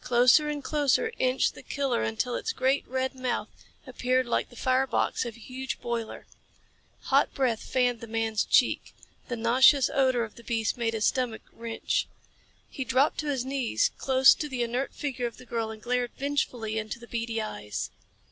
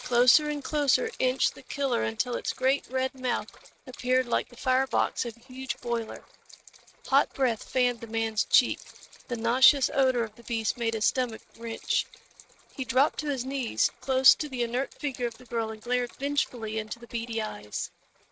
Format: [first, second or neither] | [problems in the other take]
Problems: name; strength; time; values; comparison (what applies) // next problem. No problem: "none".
first | noise reduction (neural mask model RNNoise)